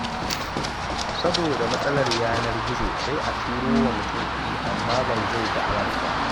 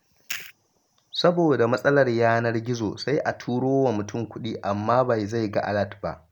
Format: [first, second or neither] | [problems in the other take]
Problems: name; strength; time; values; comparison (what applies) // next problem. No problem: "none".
second | background sound (Run + Brass instrument); 3 dB above the speech